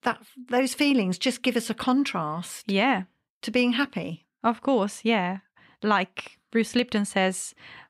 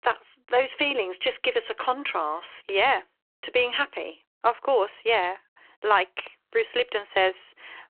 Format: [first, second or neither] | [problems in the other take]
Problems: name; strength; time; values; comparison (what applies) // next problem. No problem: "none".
first | phone-call audio